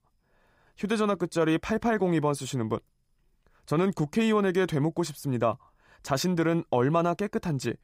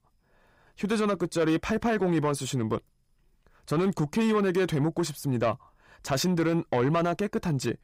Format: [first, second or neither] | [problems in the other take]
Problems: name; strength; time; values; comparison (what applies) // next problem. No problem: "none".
first | distortion; slight; 10 dB below the speech